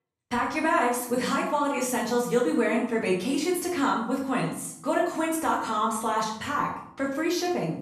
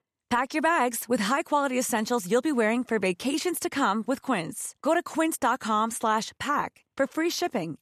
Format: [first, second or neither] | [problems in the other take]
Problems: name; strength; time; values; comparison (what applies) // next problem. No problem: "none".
second | off-mic speech; far // room echo; noticeable; dies away in 0.6 s